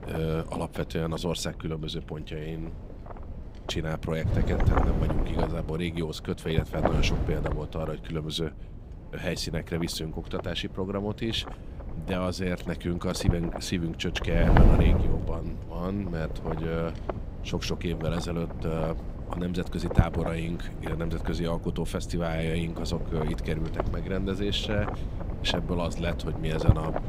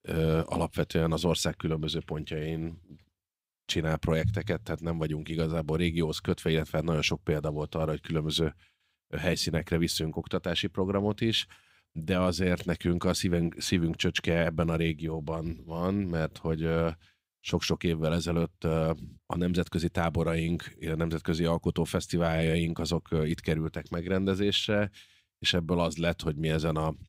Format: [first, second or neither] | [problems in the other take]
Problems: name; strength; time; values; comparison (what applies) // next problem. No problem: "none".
second | wind noise on the microphone; heavy; 4 dB below the speech